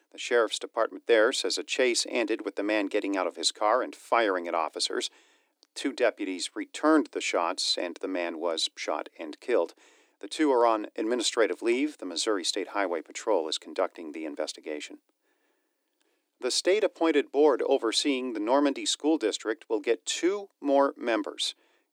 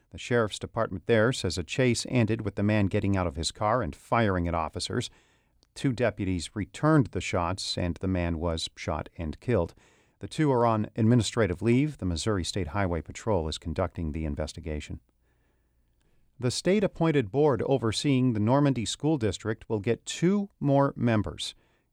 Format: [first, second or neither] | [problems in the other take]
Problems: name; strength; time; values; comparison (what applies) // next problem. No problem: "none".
second | thin; somewhat; fading below 300 Hz